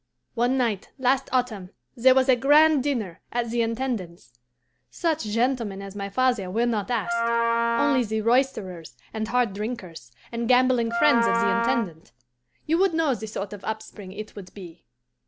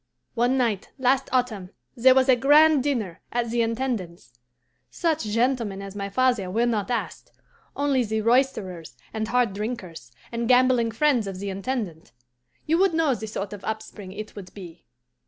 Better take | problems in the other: second | background sound (Wind instrument, woodwind instrument); 1 dB below the speech

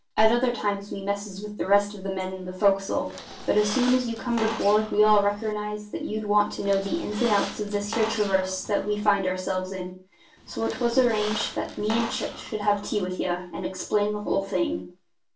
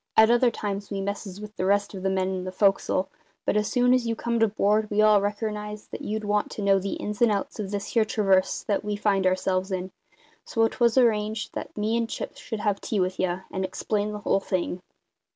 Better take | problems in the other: second | background sound (Squeak); 11 dB below the speech // room echo; dies away in 0.3 s

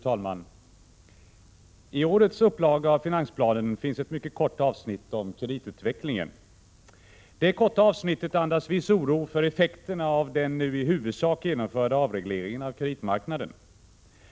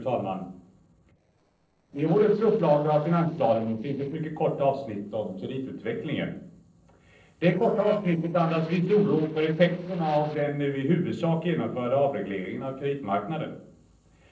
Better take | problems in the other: first | noise reduction (neural separator model SepFormer DNS4)

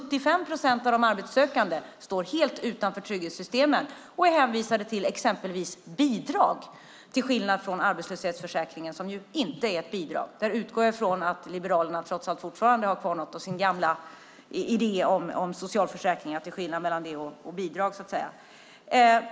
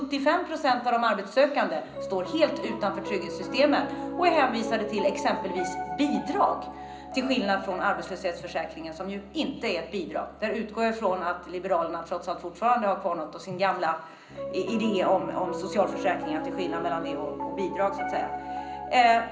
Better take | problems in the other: first | background sound (Piano); 9 dB below the speech // room echo; dies away in 0.5 s

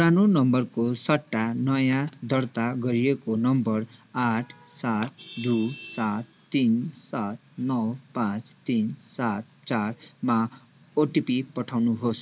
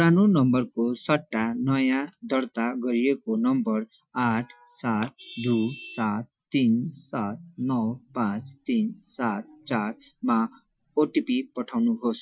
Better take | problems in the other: first | noise reduction (classical method Wiener filter)

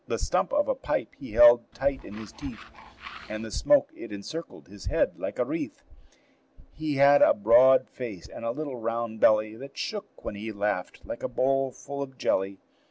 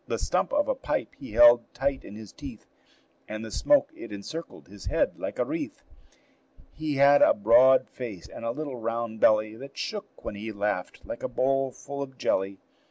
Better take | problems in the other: second | background sound (Tools); 19 dB below the speech

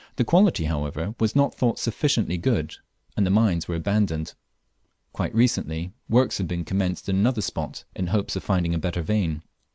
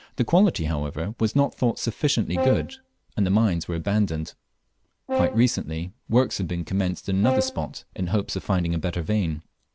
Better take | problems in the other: first | background sound (Brass instrument); 7 dB below the speech

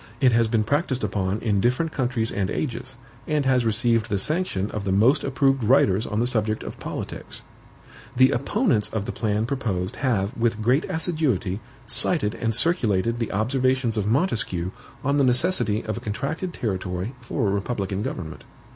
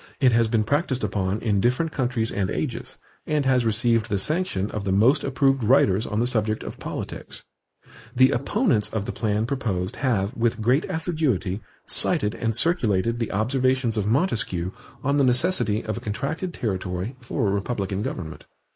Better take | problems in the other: first | noise reduction (neural mask model Resemble Enhance denoiser)

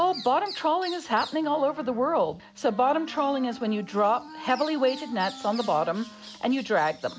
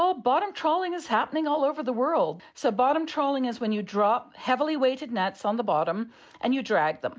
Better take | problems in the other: second | background sound (Bird vocalization, bird call, bird song + Wind instrument, woodwind instrument); 17 dB below the speech

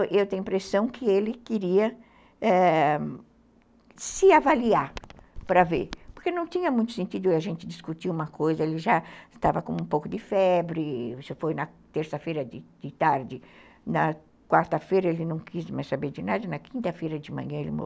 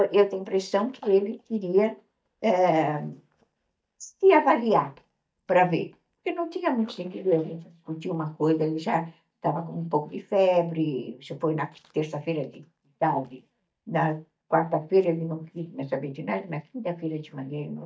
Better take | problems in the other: first | noise reduction (neural mask model DeepFilterNet 3)

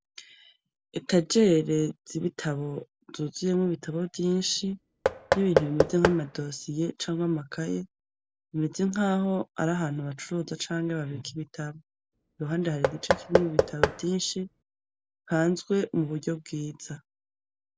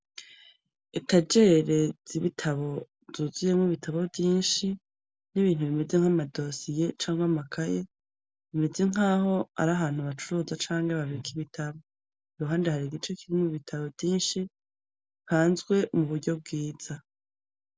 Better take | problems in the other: second | background sound (Knock / Wood); 1 dB above the speech

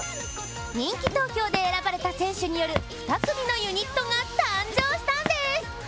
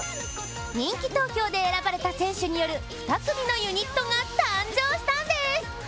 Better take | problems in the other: second | background sound (Walk, footsteps); 5 dB below the speech

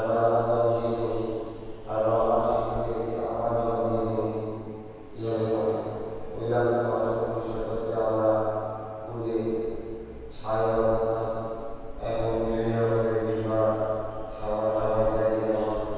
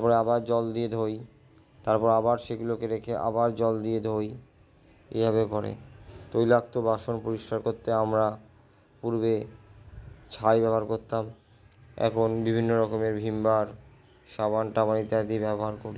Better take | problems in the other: second | background sound (Train); 12 dB below the speech // room echo; dies away in 2.2 s

